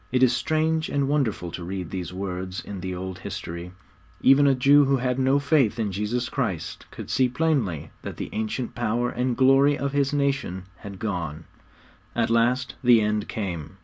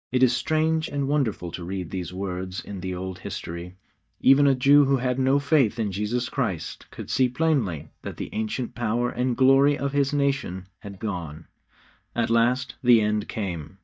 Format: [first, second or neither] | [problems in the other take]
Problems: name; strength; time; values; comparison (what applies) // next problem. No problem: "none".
first | noise reduction (neural mask model DeepFilterNet 3)